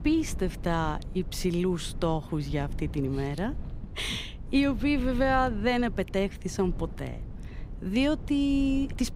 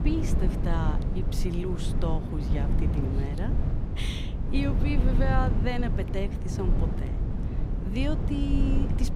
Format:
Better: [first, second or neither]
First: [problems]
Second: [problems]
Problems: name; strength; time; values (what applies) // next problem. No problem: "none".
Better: first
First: low rumble; faint; throughout; 20 dB below the speech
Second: low rumble; loud; throughout; 4 dB below the speech